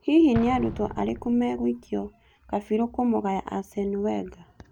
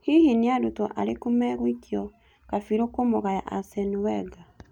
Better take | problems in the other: second | background sound (Explosion); 16 dB below the speech

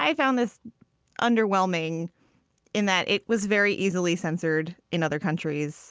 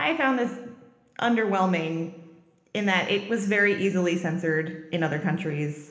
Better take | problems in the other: first | room echo; dies away in 1.1 s

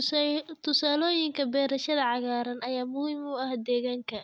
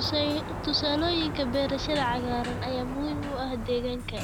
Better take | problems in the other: first | background sound (Sliding door); 5 dB below the speech

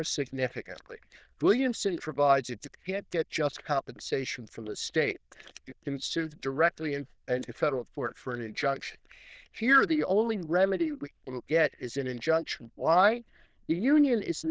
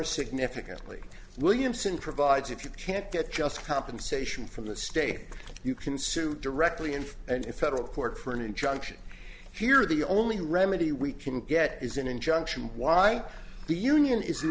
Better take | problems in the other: second | noise reduction (neural diffusion model UNIVERSE++)

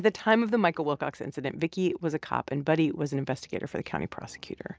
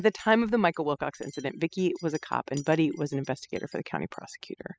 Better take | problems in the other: first | noise reduction (classical method spectral subtraction)

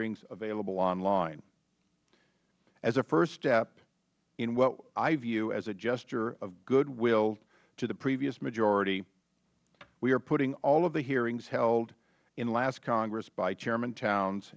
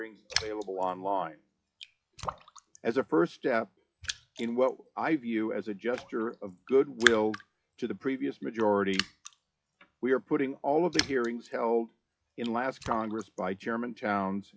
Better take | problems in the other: first | noise reduction (classical method WPE with log-MMSE)

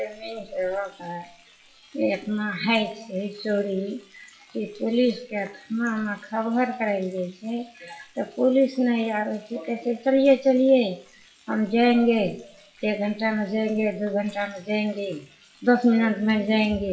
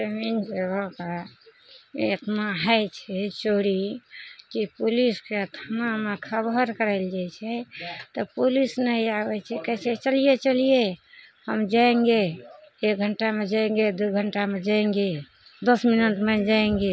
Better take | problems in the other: second | noise reduction (classical method WPE with log-MMSE)

